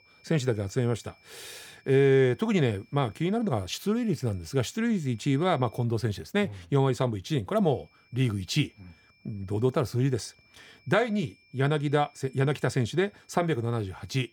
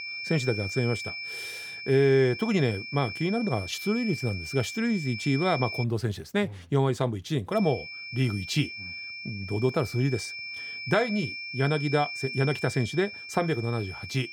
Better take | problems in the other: first | high-pitched whine; loud; until 6 s and from 7.5 s on; 2.5 kHz, 8 dB below the speech; faint in the first

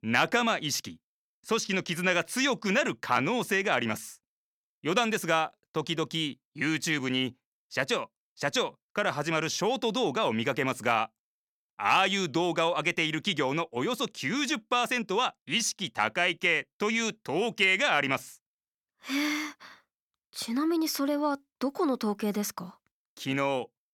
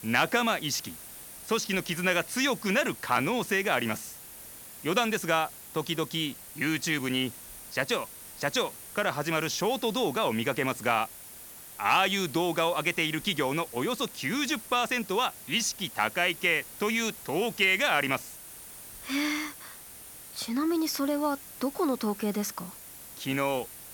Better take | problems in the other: first | hiss; noticeable; throughout; 15 dB below the speech

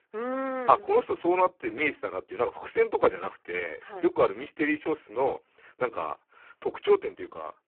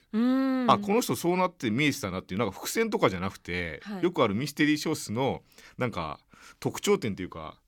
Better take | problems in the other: second | phone-call audio; poor line

